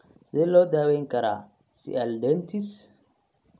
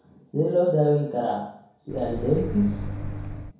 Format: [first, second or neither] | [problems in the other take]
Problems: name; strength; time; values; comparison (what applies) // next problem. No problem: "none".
first | background sound (Microwave oven); 6 dB below the speech // room echo; dies away in 0.6 s